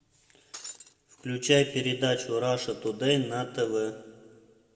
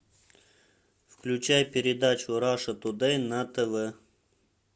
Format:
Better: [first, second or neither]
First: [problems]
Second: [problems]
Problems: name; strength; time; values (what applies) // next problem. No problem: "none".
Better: second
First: background sound (Shatter); 14 dB below the speech // room echo; dies away in 1.5 s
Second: none